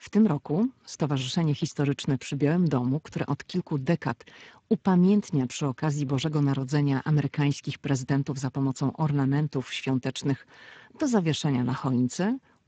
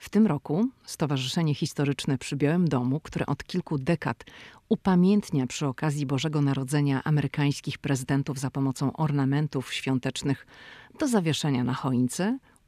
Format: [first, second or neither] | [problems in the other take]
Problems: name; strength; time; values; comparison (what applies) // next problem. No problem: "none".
second | garbled, watery; badly; nothing above 7.5 kHz